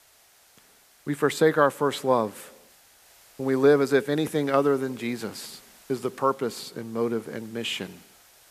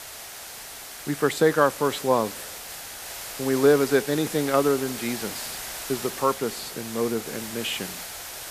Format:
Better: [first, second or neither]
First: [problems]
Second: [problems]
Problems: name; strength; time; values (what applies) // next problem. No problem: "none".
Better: first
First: hiss; faint; throughout; 25 dB below the speech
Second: hiss; loud; throughout; 9 dB below the speech